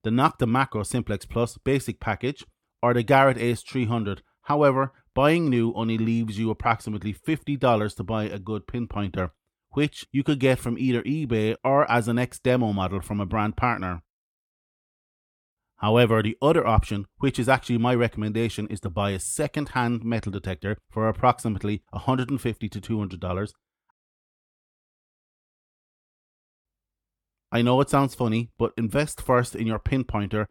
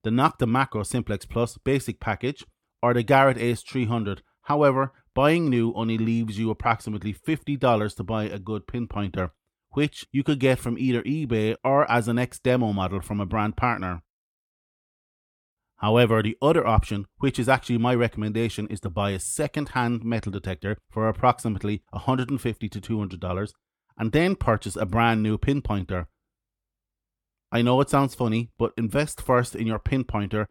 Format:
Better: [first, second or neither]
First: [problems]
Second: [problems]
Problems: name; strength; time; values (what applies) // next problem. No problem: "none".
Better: second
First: audio cutting out; at 24 s for 2.5 s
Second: none